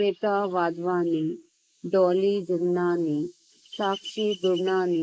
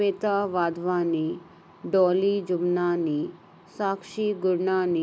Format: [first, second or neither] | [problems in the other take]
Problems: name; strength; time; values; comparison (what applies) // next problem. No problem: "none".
second | noise reduction (neural mask model Resemble Enhance denoiser)